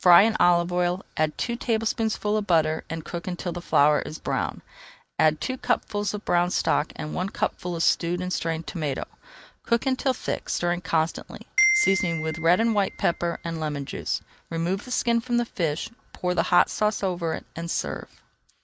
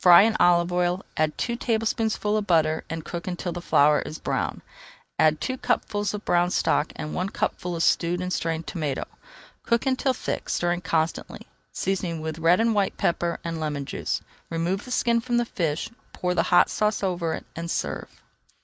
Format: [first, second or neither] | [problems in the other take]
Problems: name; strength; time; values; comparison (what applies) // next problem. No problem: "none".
second | background sound (Marimba, xylophone); 6 dB below the speech